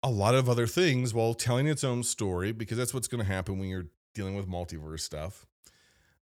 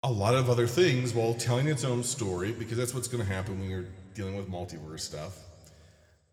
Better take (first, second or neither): first